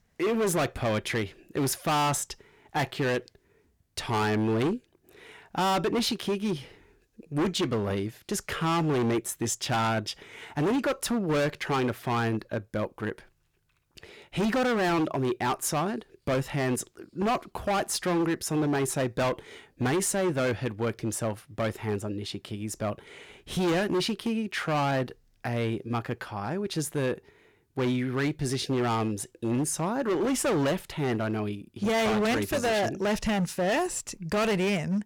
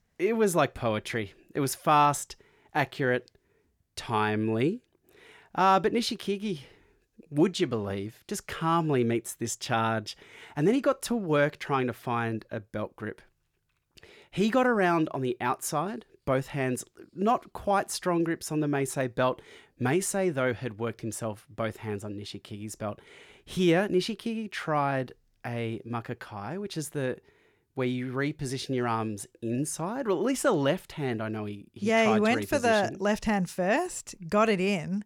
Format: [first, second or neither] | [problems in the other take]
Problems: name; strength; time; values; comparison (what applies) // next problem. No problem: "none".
second | distortion; heavy; 16% of the sound clipped